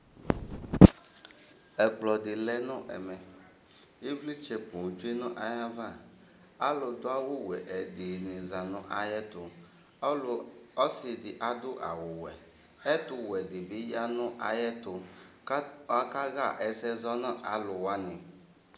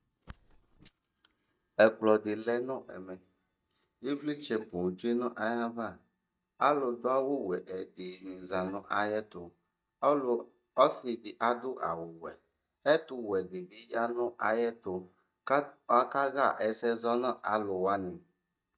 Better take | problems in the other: first | noise reduction (neural mask model DeepFilterNet 3)

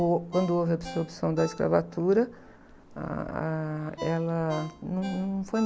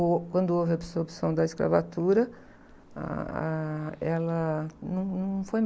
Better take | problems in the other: second | background sound (Ringtone); 17 dB below the speech

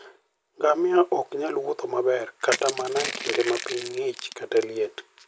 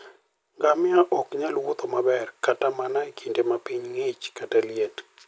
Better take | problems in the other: second | background sound (Crushing); 8 dB below the speech

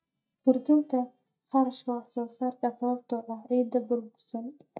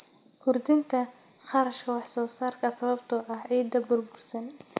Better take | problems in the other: second | noise reduction (neural mask model DeepFilterNet 3)

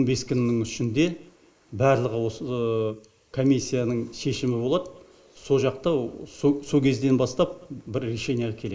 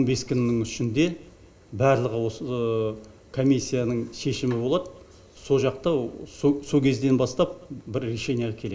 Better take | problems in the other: second | noise reduction (neural mask model Resemble Enhance denoiser)

